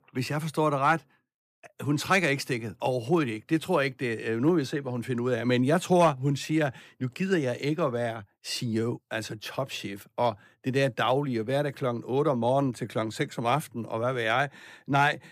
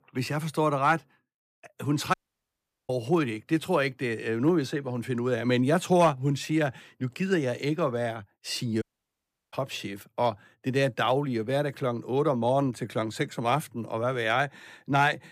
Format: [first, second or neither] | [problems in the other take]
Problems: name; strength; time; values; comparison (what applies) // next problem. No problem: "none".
first | audio cutting out; at 2 s for 1 s and at 9 s for 0.5 s